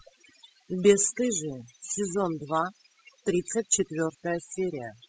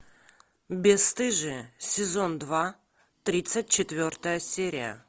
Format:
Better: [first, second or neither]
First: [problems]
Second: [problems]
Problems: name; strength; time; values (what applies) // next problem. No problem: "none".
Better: second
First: noise reduction (classical method spectral subtraction)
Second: none